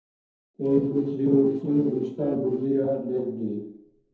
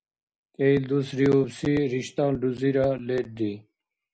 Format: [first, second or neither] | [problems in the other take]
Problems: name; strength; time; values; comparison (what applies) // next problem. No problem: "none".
second | noise reduction (neural separator model SepFormer DNS4)